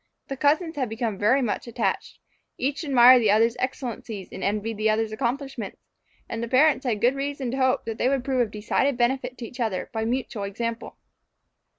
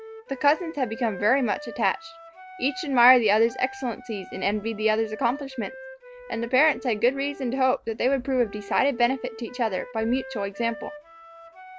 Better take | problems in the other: first | background sound (Wind instrument, woodwind instrument); 16 dB below the speech

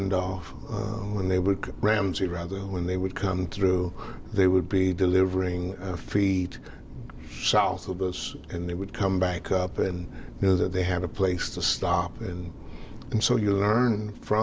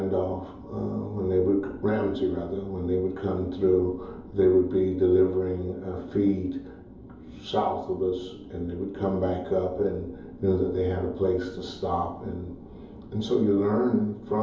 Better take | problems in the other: first | room echo; dies away in 2.8 s

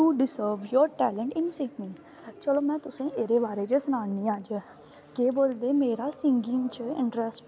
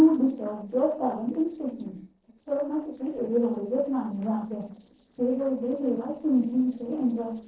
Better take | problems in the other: first | noise reduction (neural separator model SepFormer DNS4)

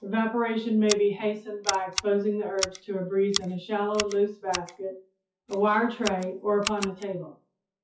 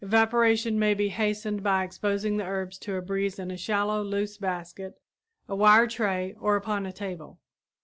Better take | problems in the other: second | noise reduction (classical method WPE with log-MMSE)

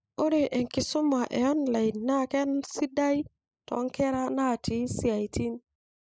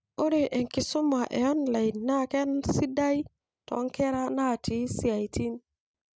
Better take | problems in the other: second | noise reduction (neural mask model Resemble Enhance denoiser)

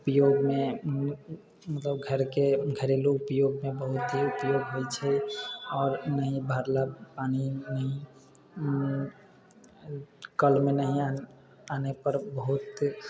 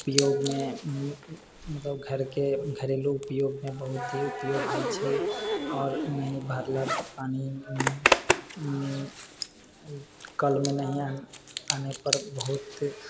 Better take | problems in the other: first | background sound (Zipper (clothing)); 3 dB below the speech

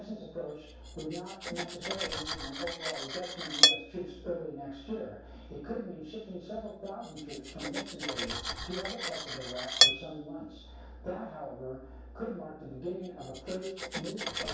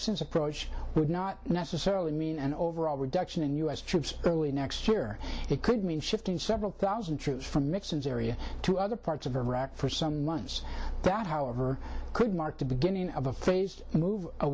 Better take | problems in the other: second | background sound (Cutlery, silverware); 5 dB above the speech // room echo; dies away in 0.7 s

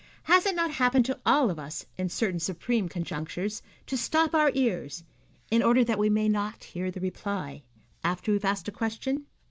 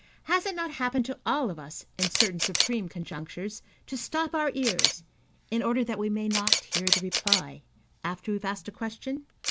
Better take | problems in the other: first | background sound (Camera); 2 dB below the speech

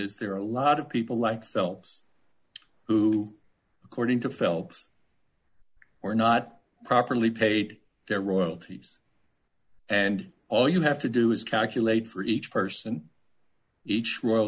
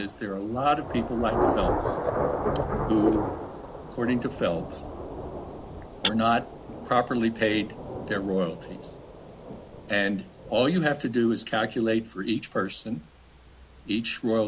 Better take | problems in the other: first | background sound (Thunder / Rain + Tap / Glass); 5 dB below the speech

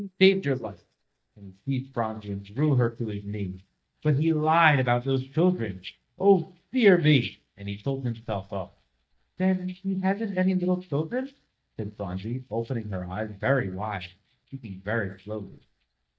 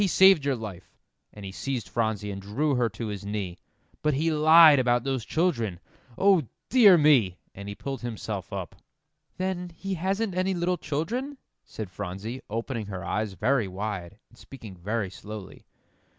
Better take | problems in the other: second | noise reduction (neural mask model DeepFilterNet 3)

